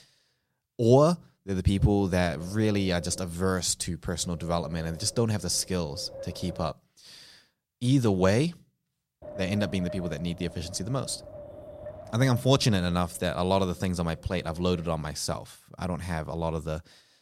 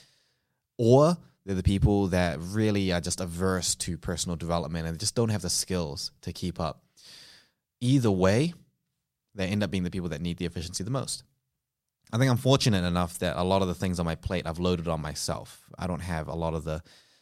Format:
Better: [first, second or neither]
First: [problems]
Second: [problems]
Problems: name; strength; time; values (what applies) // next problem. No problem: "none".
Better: second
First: wind noise on the microphone; occasional gusts; from 2 to 6.5 s and from 9 to 15 s; 15 dB below the speech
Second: none